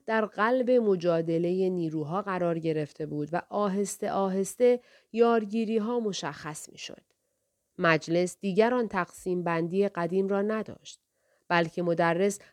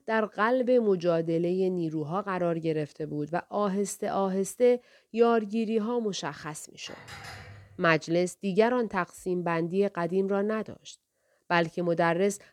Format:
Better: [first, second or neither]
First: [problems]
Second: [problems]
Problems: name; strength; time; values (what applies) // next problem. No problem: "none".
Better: first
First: none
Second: clattering dishes; faint; at 7 s; peak 15 dB below the speech